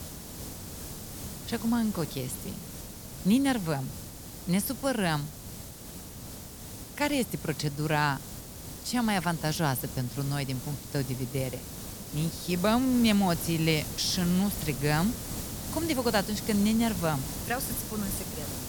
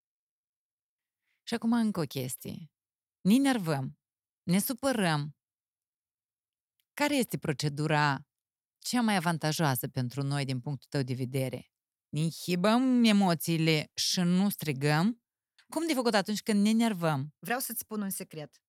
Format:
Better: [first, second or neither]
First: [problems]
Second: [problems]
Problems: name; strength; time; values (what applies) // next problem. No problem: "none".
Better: second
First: hiss; loud; throughout; 9 dB below the speech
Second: none